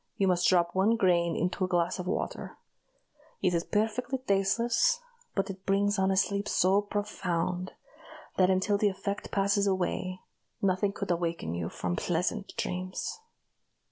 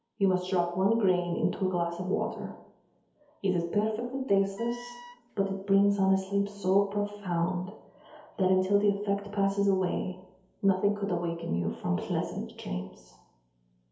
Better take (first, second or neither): first